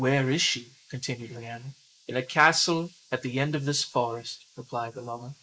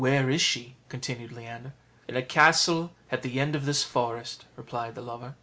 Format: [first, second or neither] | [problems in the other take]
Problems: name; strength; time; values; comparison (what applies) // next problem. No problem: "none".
second | noise reduction (neural mask model Resemble Enhance denoiser)